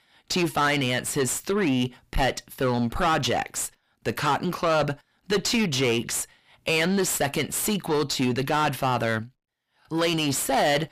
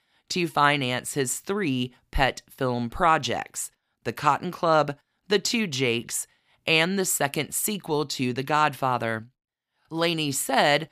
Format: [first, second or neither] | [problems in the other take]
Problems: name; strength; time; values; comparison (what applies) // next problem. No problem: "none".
second | distortion; heavy; 5 dB below the speech